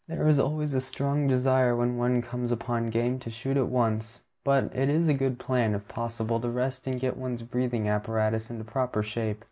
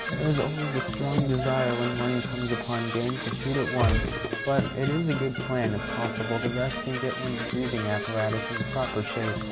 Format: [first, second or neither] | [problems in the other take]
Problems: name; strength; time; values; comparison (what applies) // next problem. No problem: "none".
first | background sound (Gunshot, gunfire + Brass instrument / Percussion); 2 dB below the speech